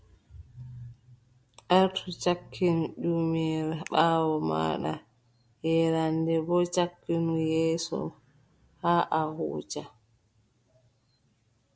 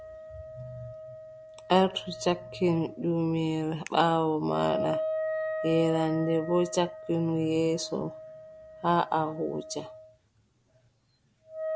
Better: first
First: none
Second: background sound (Wind instrument, woodwind instrument); 8 dB below the speech

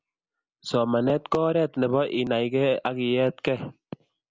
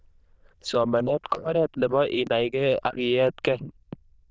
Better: first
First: none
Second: noise reduction (neural diffusion model UNIVERSE++)

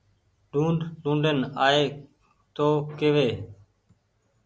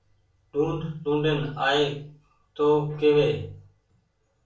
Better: first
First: none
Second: room echo; dies away in 0.3 s

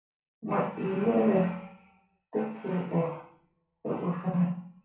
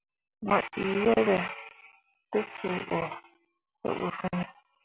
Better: second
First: room echo; dies away in 0.6 s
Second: none

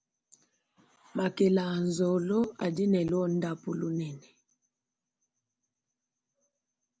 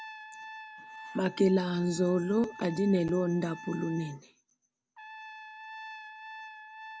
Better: first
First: none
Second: background sound (Trumpet); 15 dB below the speech

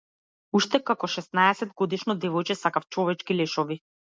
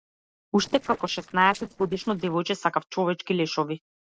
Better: first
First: none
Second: noise reduction (neural separator model SepFormer DNS4)

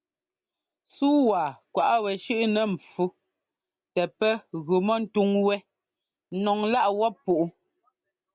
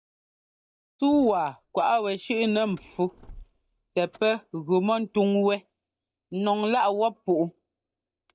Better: first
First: none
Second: noise reduction (neural mask model DeepFilterNet 3)

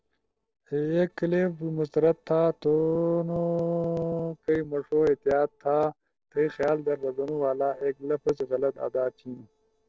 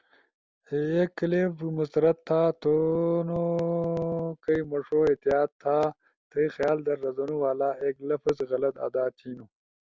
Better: second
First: noise reduction (neural separator model SepFormer DNS4)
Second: none

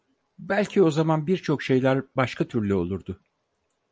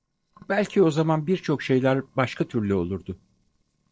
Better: first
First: none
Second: noise reduction (neural separator model SepFormer DNS4)

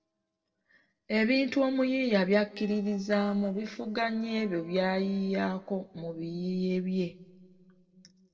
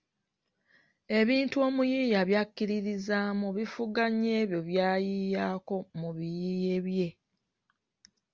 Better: second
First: noise reduction (neural separator model SepFormer DNS4)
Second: none

